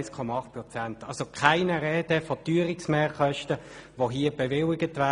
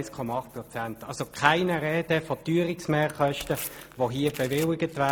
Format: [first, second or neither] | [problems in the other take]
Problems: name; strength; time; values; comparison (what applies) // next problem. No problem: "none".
first | background sound (Tearing); 18 dB below the speech